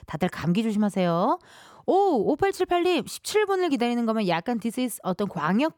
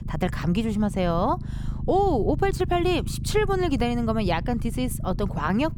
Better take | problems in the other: first | low rumble; noticeable; throughout; 20 dB below the speech

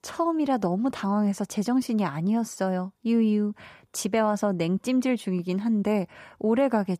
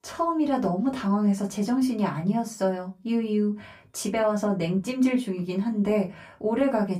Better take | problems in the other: first | off-mic speech; far // room echo; very slight; dies away in 0.2 s

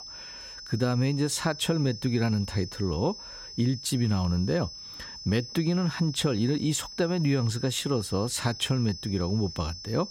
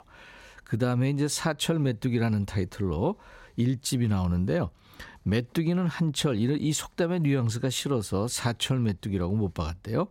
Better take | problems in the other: second | high-pitched whine; noticeable; throughout; 5 kHz, 10 dB below the speech

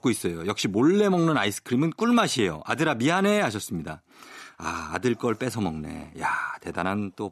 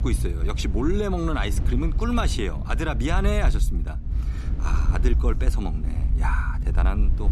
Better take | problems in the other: first | low rumble; noticeable; throughout; 15 dB below the speech

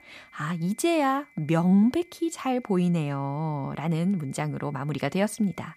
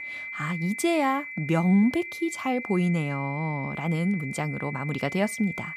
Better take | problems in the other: first | high-pitched whine; loud; throughout; 2 kHz, 8 dB below the speech; faint in the first

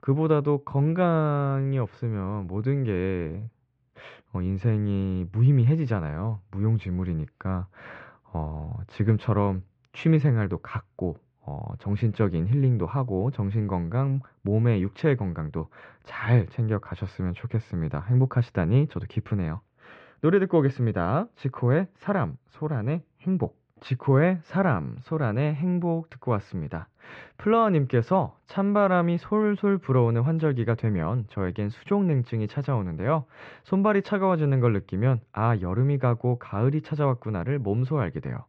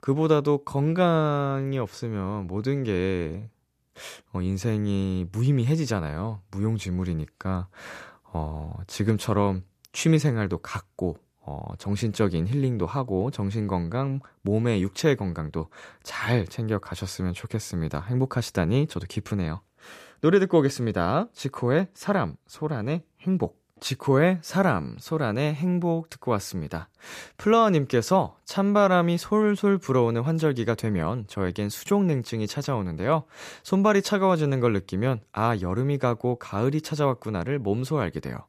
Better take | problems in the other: second | muffled; very; fading above 2.5 kHz

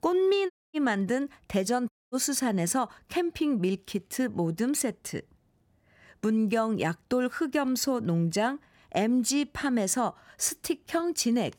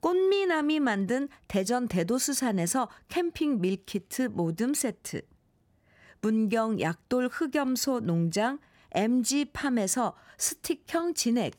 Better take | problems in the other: second | audio cutting out; at 0.5 s and at 2 s

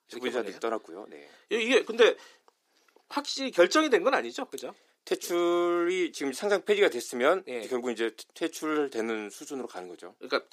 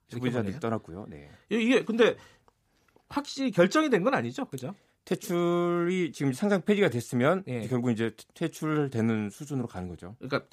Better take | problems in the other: second | thin; somewhat; fading below 350 Hz

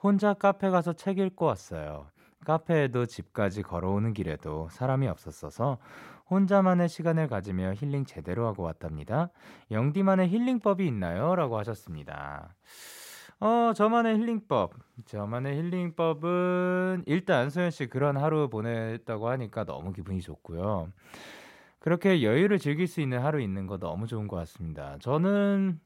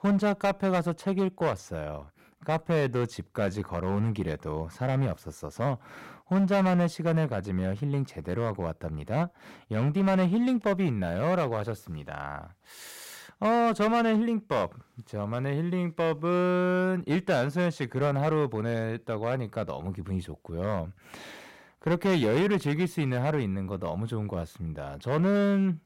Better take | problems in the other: first | distortion; slight; 7% of the sound clipped

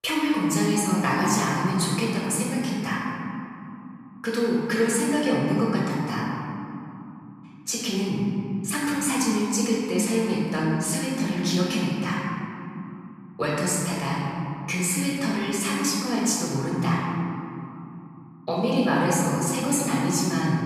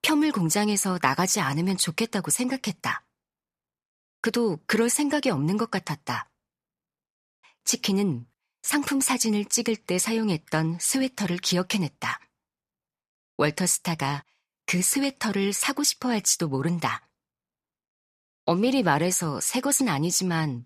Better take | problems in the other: second | off-mic speech; far // room echo; strong; dies away in 2.9 s

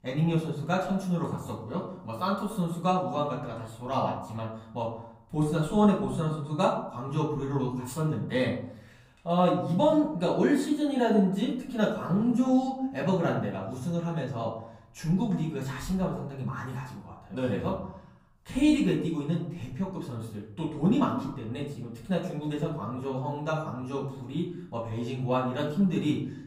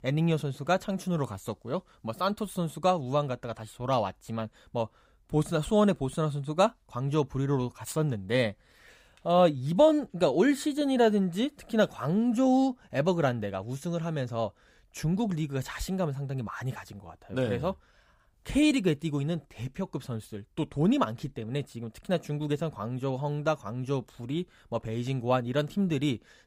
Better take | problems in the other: second | room echo; slight; dies away in 0.7 s // off-mic speech; far

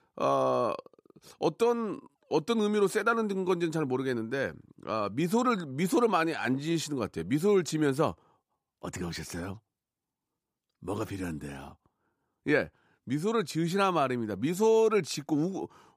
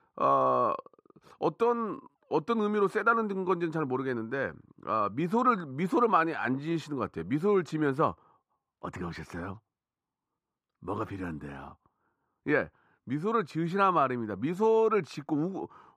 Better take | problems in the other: first | muffled; slightly; fading above 4 kHz

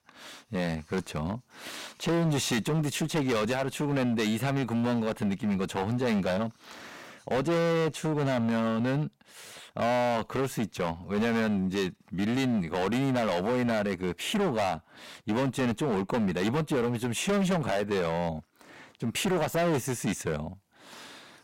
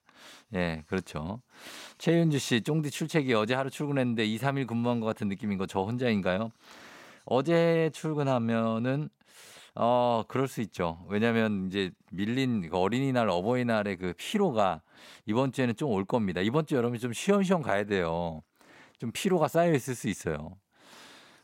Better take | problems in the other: second | distortion; heavy; 17% of the sound clipped

